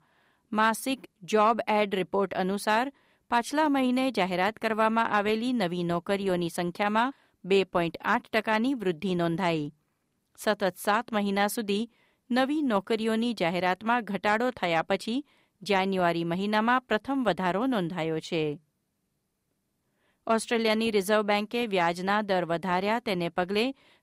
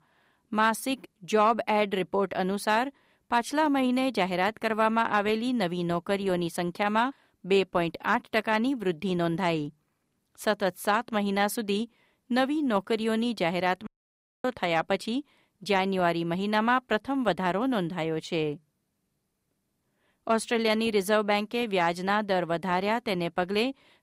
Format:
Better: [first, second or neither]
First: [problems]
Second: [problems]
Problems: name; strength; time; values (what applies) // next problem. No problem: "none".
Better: first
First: none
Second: audio cutting out; at 14 s for 0.5 s